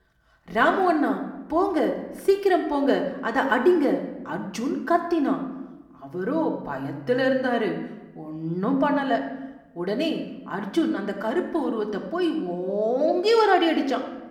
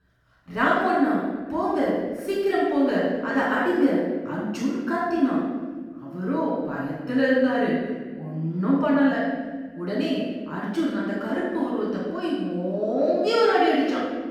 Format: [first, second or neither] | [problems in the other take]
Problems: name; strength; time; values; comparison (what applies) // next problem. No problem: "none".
first | room echo; strong; dies away in 1.4 s; slight in the first // off-mic speech; far; somewhat distant in the first